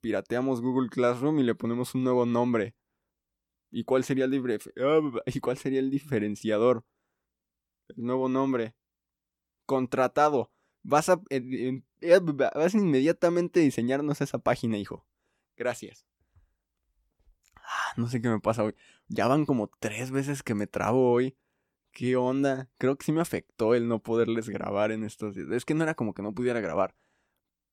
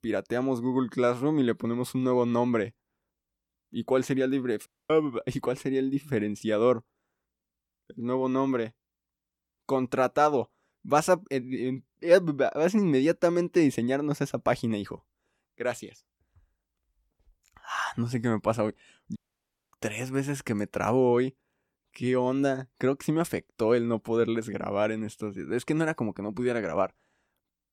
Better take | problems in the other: first | audio cutting out; at 4.5 s and at 19 s for 0.5 s

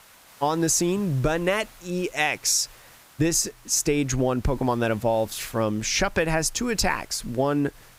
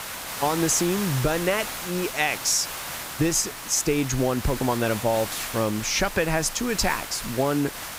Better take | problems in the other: first | hiss; loud; throughout; 8 dB below the speech; faint in the first

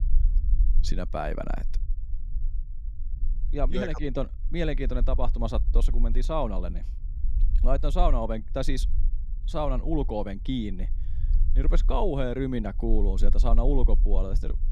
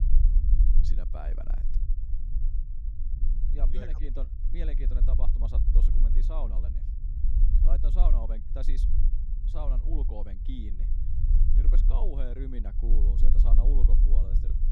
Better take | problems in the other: first | low rumble; loud; throughout; 5 dB below the speech; faint in the first

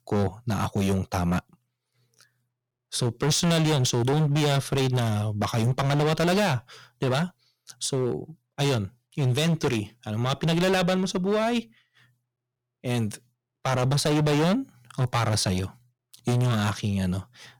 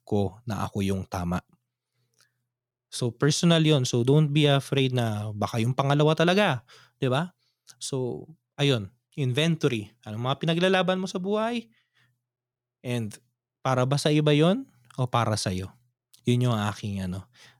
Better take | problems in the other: second | distortion; heavy; 15% of the sound clipped

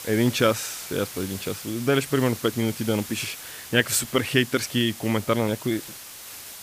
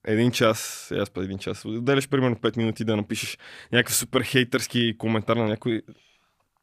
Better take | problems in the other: second | hiss; noticeable; throughout; 10 dB below the speech

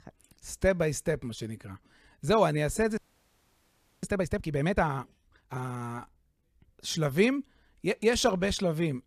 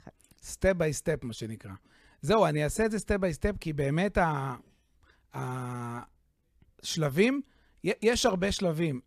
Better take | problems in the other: second | audio freezing; at 3 s for 1 s

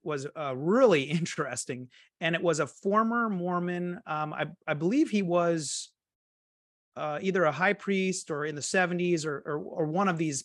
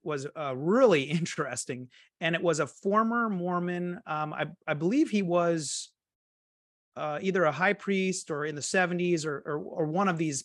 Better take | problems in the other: neither | none

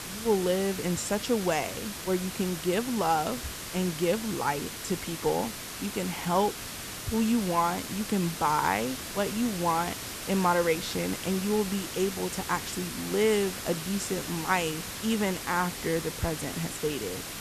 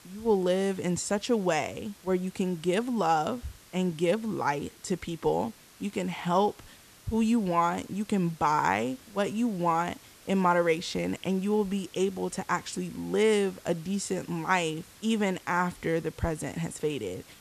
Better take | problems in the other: second | hiss; loud; throughout; 6 dB below the speech; faint in the second

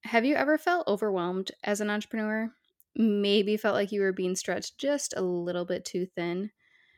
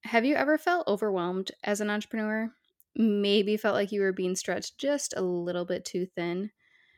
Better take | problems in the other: neither | none

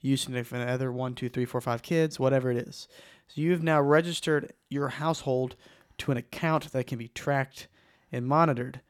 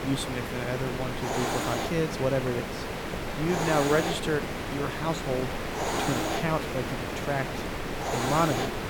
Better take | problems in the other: first | hiss; loud; throughout; 1 dB below the speech

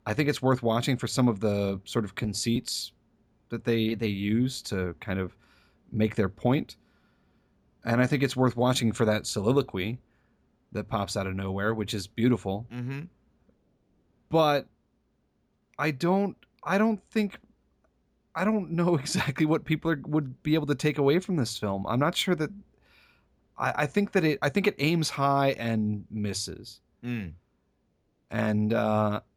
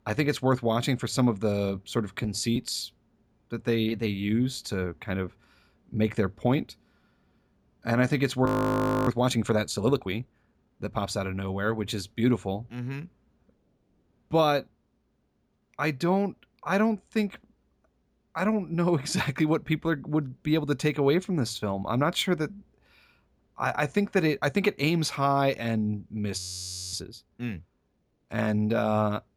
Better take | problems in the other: first | audio freezing; at 8.5 s for 0.5 s and at 26 s for 0.5 s

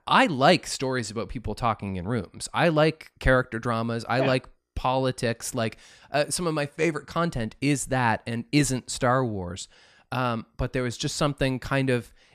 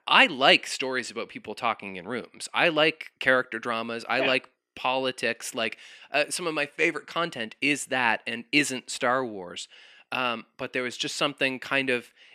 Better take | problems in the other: first | thin; very slightly; fading below 300 Hz

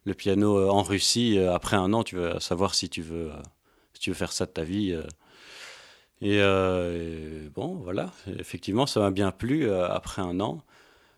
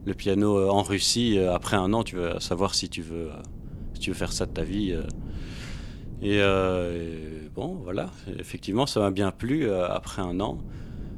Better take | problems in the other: first | low rumble; faint; throughout; 25 dB below the speech

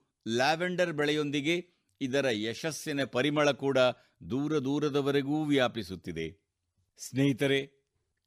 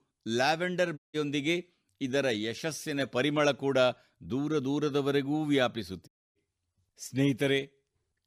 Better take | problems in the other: first | audio cutting out; at 1 s and at 6 s

